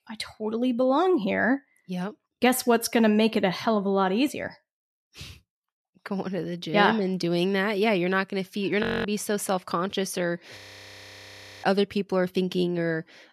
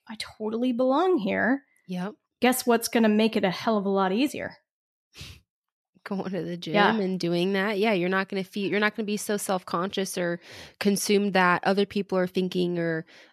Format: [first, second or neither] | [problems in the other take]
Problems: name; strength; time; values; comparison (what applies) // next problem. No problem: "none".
second | audio freezing; at 9 s and at 11 s for 1 s